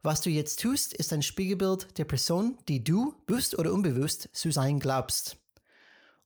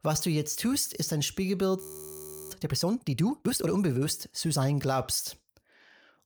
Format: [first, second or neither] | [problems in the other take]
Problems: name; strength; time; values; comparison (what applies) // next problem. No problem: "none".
first | audio freezing; at 2 s for 0.5 s